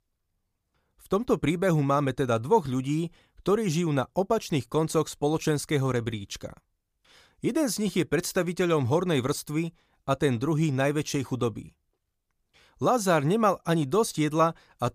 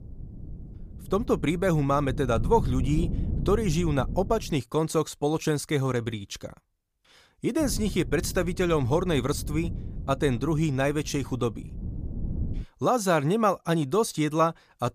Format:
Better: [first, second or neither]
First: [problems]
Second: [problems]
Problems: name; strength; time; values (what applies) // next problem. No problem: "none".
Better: first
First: none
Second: wind noise on the microphone; occasional gusts; until 4.5 s and from 7.5 to 13 s; 20 dB below the speech